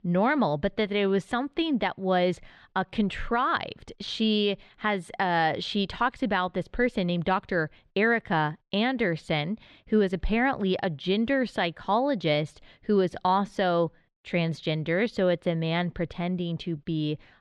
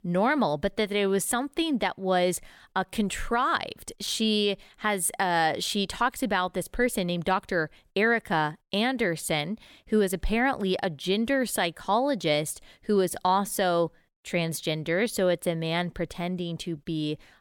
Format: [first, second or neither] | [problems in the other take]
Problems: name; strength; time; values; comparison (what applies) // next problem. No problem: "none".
second | muffled; very slightly; fading above 4 kHz